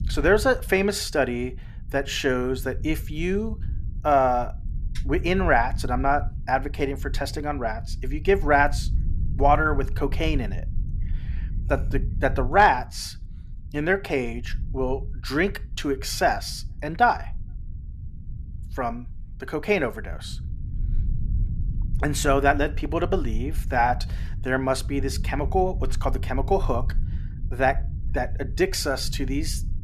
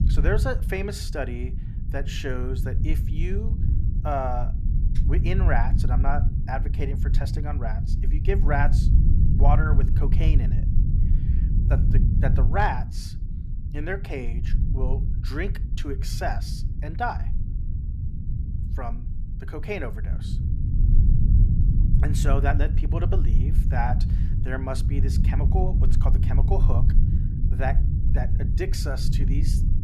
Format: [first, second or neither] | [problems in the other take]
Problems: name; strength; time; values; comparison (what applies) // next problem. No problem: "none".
first | low rumble; loud; throughout; 8 dB below the speech; faint in the first